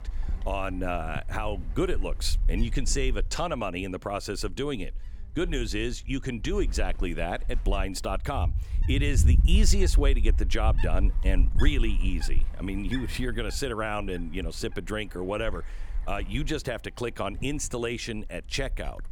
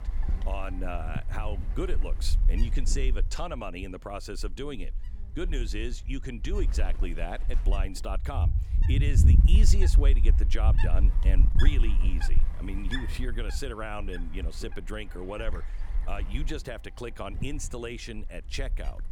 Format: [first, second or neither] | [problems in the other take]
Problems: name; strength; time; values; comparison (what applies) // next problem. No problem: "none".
first | wind noise on the microphone; heavy; 6 dB below the speech; occasional gusts in the first